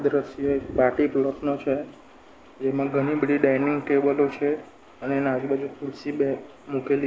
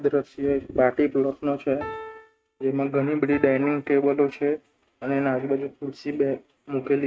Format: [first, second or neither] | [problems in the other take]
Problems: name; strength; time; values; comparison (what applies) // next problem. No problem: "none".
first | noise reduction (neural mask model RNNoise)